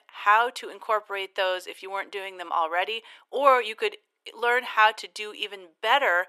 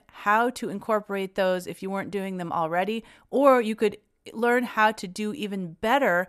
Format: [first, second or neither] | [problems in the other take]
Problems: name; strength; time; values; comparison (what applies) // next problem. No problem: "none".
second | thin; very; fading below 350 Hz